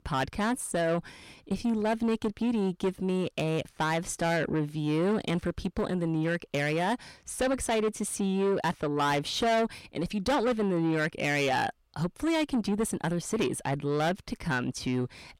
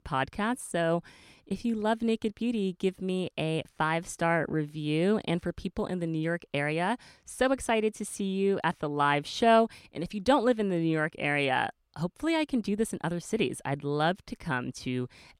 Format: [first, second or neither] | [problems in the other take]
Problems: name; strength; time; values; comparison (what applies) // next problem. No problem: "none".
second | distortion; heavy; 7 dB below the speech